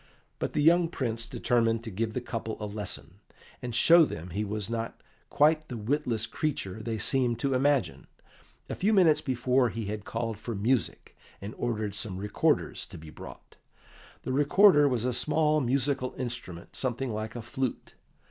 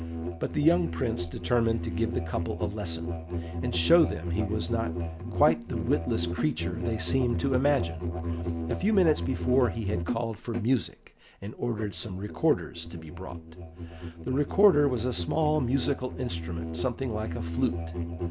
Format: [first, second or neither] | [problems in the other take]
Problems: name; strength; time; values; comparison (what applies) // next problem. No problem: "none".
first | background sound (Musical instrument); 4 dB below the speech